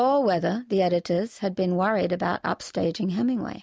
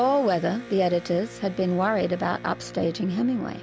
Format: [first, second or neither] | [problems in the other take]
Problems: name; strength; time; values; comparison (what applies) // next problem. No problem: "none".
first | background sound (Electric guitar); 16 dB below the speech